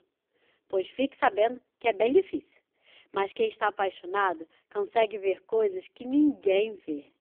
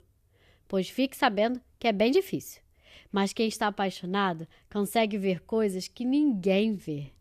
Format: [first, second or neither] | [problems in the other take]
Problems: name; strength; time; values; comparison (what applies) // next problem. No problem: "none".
second | phone-call audio; poor line; nothing above 3 kHz